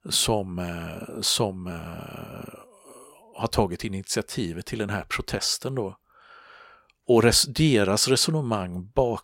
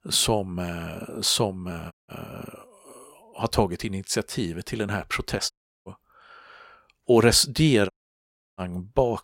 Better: first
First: none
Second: audio cutting out; at 2 s, at 5.5 s and at 8 s for 0.5 s

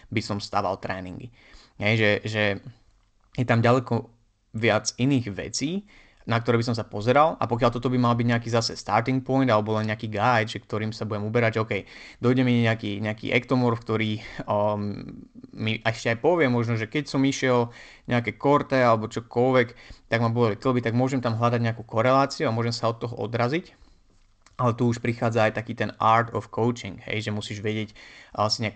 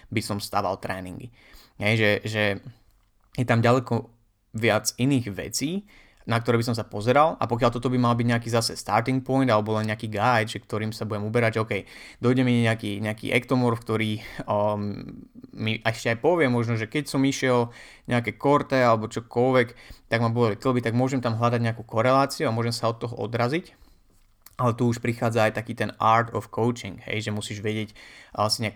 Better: second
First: garbled, watery; slightly; nothing above 8 kHz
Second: none

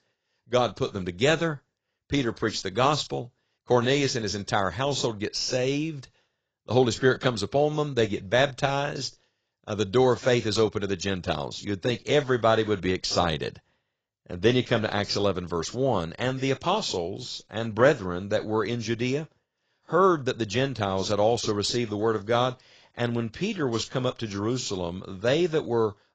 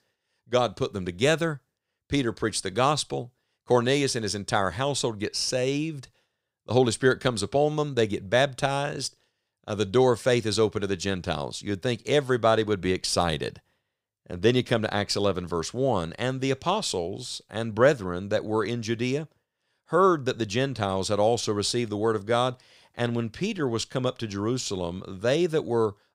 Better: second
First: garbled, watery; badly; nothing above 7.5 kHz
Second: none

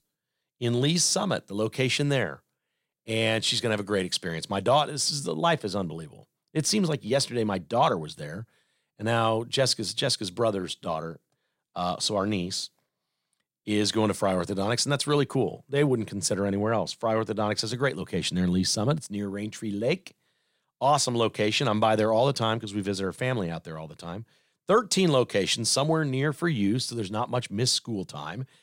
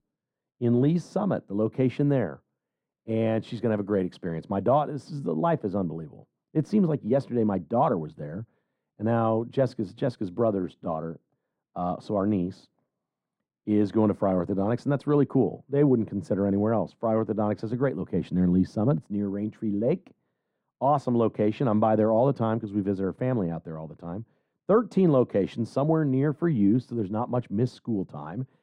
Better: first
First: none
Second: muffled; very; fading above 2 kHz

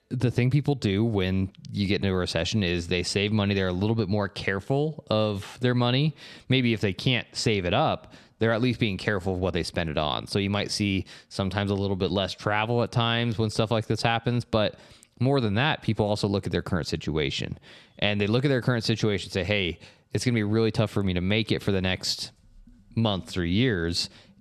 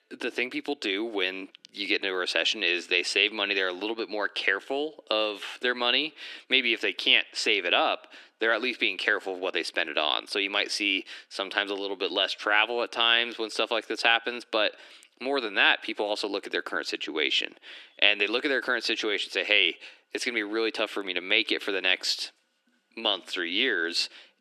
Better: first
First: none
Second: thin; very; fading below 300 Hz

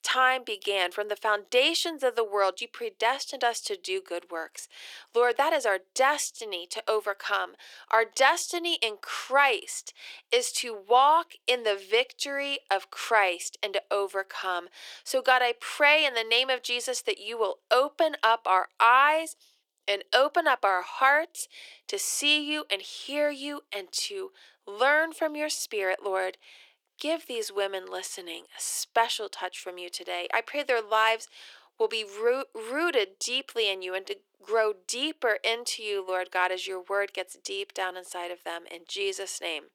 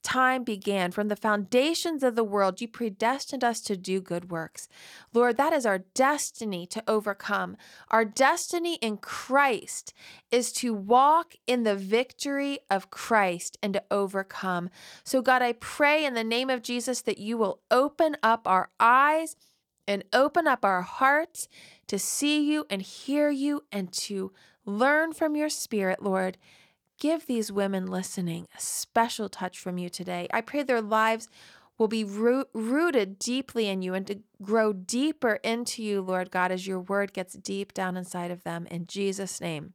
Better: second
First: thin; very; fading below 350 Hz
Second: none

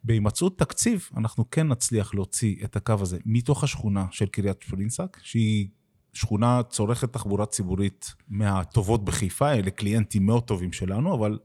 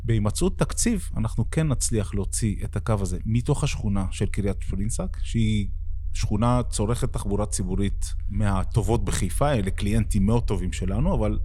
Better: first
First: none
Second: low rumble; faint; throughout; 25 dB below the speech

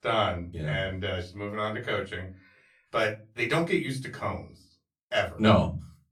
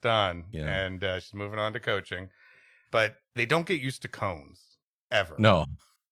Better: second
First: off-mic speech; far // room echo; very slight; dies away in 0.3 s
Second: none

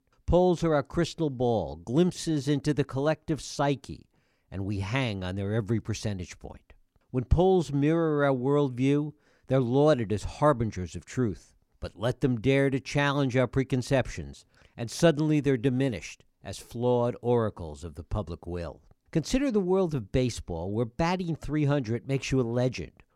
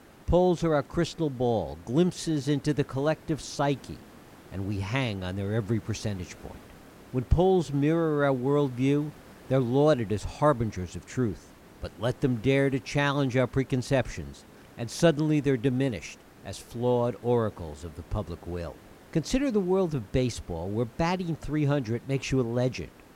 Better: first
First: none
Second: hiss; faint; throughout; 25 dB below the speech

